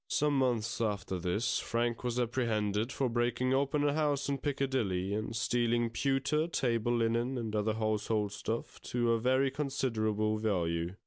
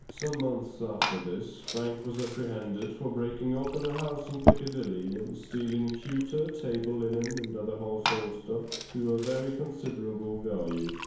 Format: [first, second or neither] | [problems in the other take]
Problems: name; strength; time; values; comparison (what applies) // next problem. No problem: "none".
first | background sound (Liquid); 3 dB below the speech // room echo; dies away in 1 s